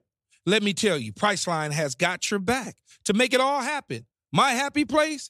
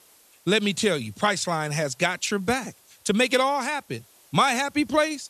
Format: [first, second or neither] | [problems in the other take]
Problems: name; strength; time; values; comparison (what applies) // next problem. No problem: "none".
first | hiss; faint; throughout; 30 dB below the speech